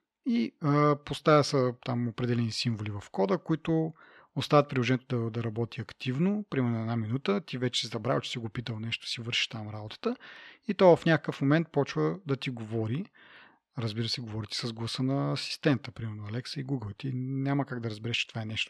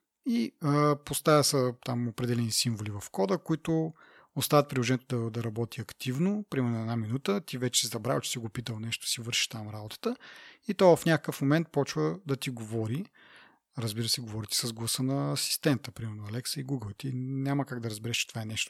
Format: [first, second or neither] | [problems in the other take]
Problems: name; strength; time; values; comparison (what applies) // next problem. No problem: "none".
second | muffled; very slightly; fading above 3.5 kHz